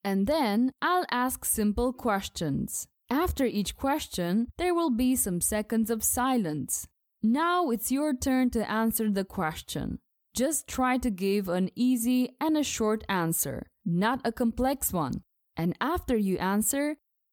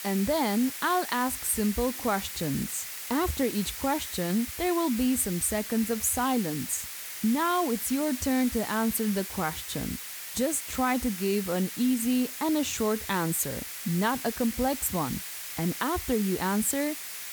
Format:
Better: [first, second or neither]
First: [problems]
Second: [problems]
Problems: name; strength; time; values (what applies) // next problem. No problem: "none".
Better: first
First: none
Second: hiss; loud; throughout; 7 dB below the speech